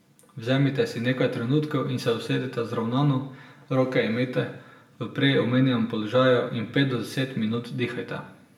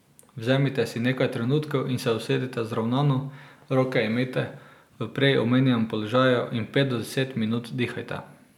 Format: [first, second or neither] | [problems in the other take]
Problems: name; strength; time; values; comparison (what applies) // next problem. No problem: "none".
second | room echo; dies away in 0.6 s